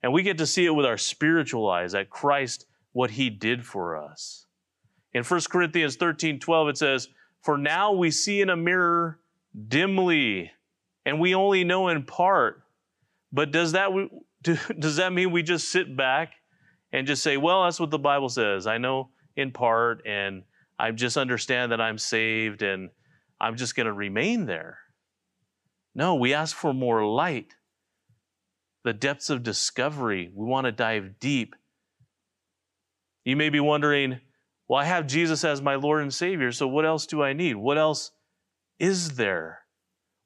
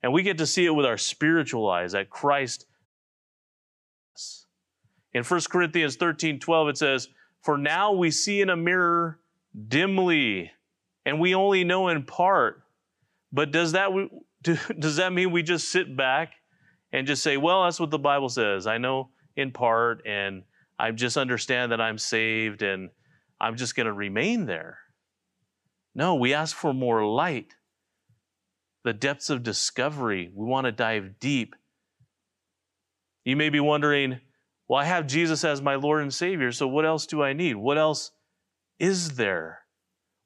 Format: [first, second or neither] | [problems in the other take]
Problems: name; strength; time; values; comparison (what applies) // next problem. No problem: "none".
first | audio cutting out; at 3 s for 1.5 s